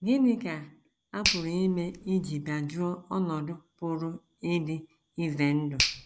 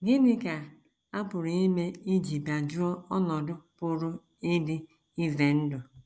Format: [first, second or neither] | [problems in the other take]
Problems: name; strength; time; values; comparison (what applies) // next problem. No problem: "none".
second | background sound (Finger snapping); 8 dB below the speech